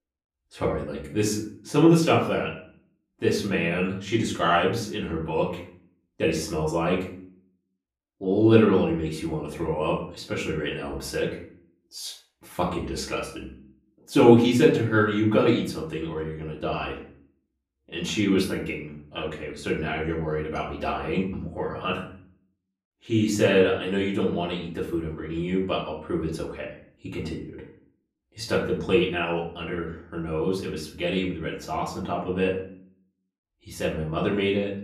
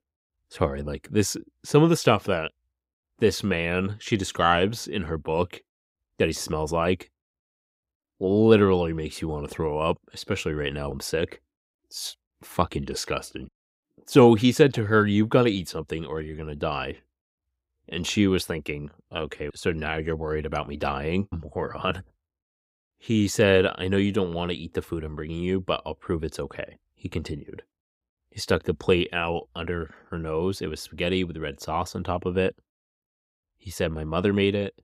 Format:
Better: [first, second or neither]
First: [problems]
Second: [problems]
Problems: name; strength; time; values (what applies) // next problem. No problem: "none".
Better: second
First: off-mic speech; far // room echo; slight; dies away in 0.5 s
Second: none